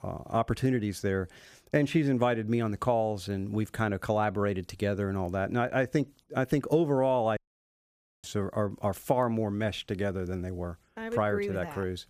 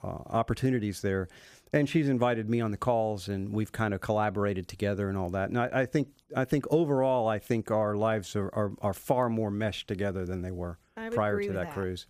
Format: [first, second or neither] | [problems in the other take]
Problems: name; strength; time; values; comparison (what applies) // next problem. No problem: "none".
second | audio cutting out; at 7.5 s for 1 s